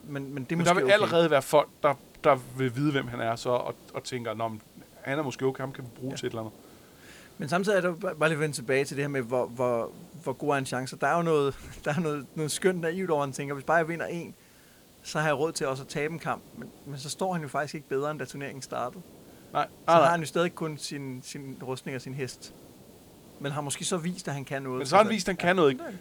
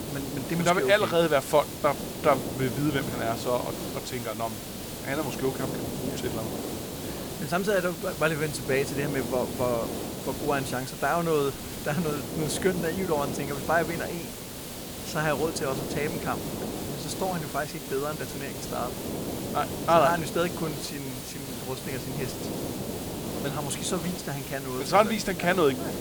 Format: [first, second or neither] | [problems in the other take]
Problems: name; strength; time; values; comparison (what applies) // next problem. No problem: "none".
first | hiss; loud; throughout; 6 dB below the speech; faint in the first